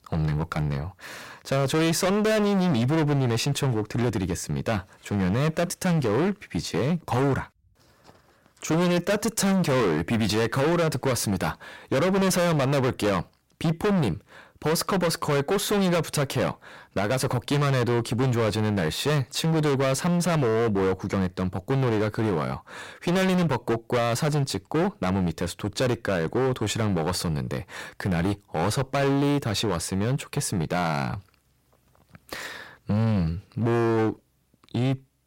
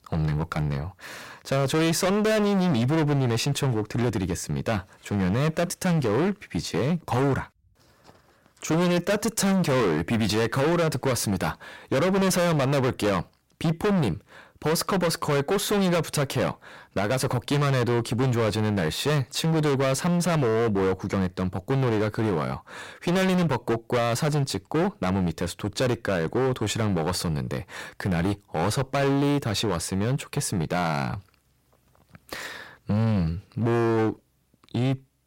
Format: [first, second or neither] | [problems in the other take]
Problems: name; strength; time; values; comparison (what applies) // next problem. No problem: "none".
neither | distortion; heavy; 23% of the sound clipped; the same in both